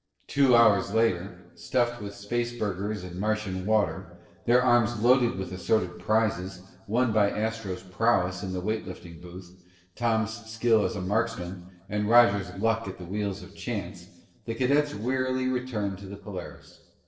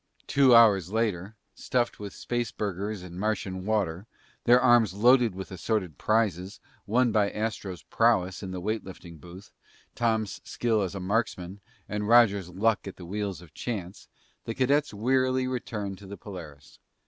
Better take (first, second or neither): second